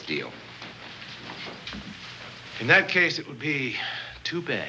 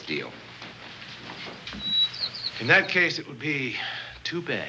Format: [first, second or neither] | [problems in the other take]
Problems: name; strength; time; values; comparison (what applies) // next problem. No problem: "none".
first | background sound (Bird vocalization, bird call, bird song); 1 dB below the speech